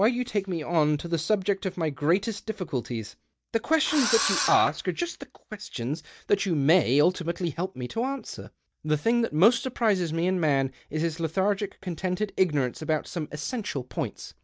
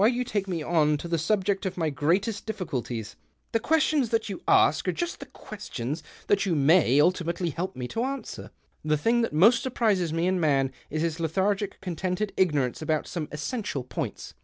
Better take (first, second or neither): second